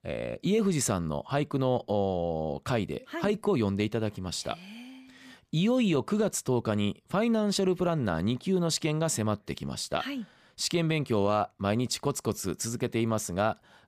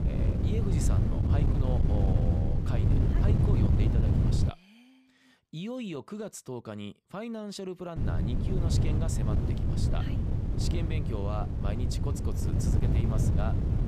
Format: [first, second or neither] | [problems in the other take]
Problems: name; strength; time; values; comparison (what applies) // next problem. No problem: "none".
first | wind noise on the microphone; heavy; until 4.5 s and from 8 s on; 2 dB above the speech